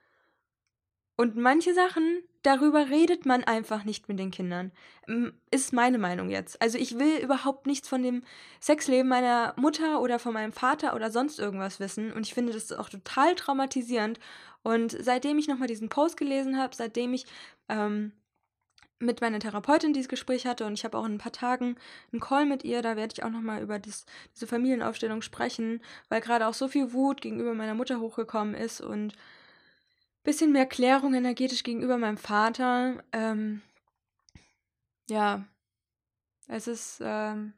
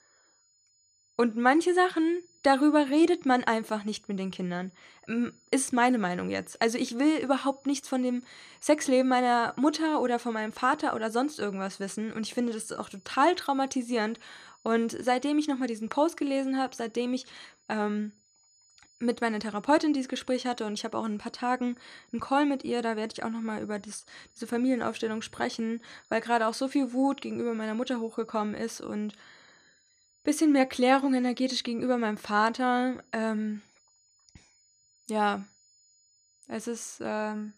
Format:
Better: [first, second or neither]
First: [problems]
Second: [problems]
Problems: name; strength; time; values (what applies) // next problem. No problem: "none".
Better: first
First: none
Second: high-pitched whine; faint; throughout; 7 kHz, 35 dB below the speech